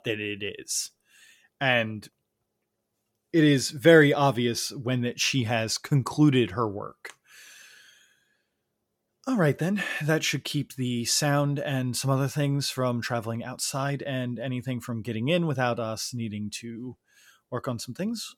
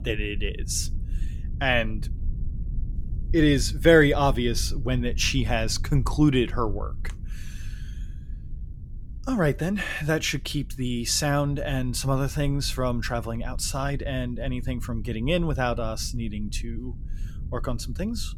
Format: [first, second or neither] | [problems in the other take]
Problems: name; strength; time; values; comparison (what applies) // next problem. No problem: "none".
first | low rumble; faint; throughout; 25 dB below the speech